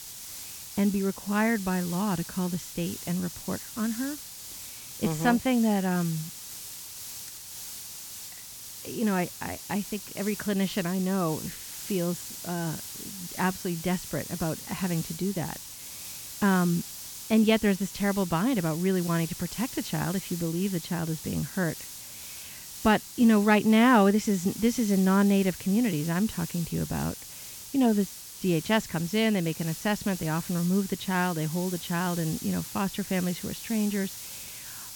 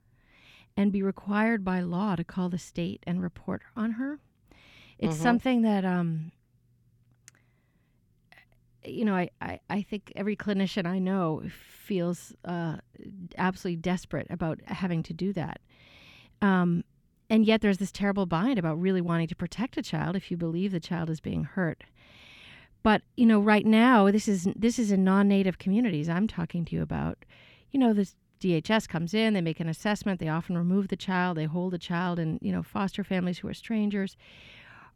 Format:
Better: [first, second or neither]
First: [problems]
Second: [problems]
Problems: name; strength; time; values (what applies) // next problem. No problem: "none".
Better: second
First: hiss; noticeable; throughout; 10 dB below the speech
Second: none